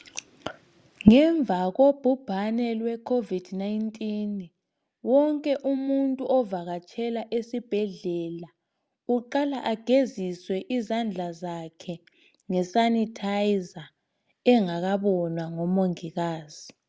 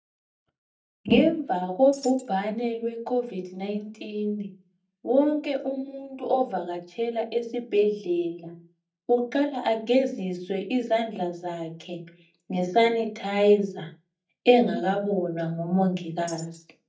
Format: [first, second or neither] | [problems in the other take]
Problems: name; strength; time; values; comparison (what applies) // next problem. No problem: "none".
first | noise reduction (neural mask model DeepFilterNet 3)